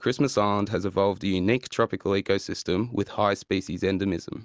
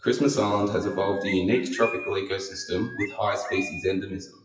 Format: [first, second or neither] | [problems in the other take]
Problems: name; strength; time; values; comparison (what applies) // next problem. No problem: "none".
first | noise reduction (classical method WPE with log-MMSE)